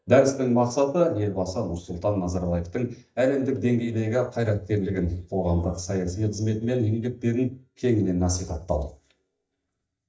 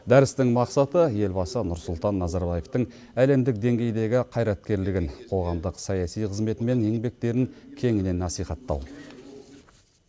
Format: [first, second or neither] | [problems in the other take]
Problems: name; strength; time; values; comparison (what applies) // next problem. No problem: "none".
second | noise reduction (neural mask model DeepFilterNet 3)